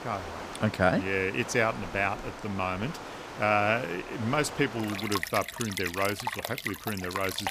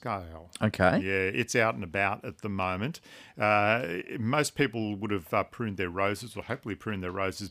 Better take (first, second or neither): second